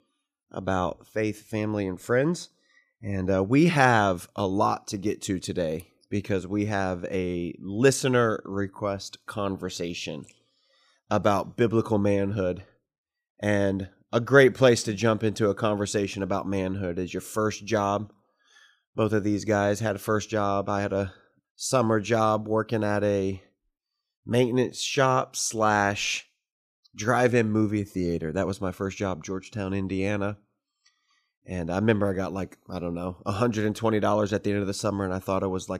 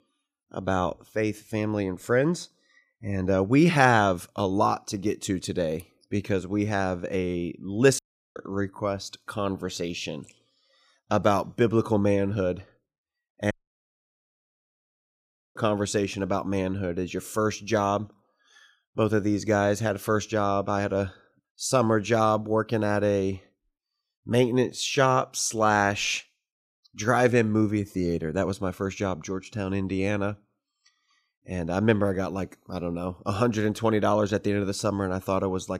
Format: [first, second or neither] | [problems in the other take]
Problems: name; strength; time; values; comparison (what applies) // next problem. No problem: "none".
first | audio cutting out; at 8 s and at 14 s for 2 s